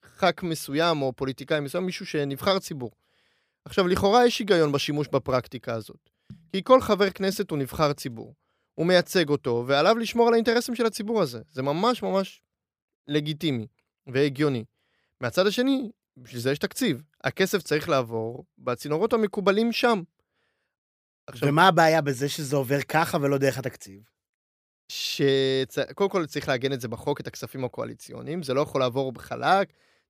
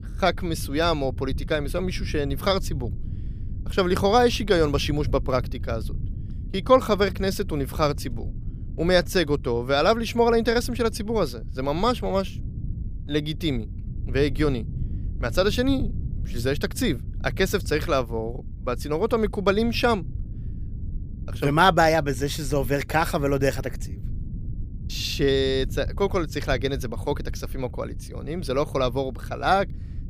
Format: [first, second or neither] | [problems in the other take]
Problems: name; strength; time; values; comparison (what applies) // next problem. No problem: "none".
first | low rumble; faint; throughout; 25 dB below the speech